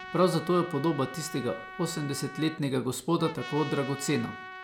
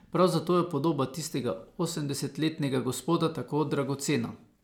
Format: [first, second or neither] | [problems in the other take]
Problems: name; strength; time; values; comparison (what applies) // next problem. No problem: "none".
second | background sound (Trumpet); 13 dB below the speech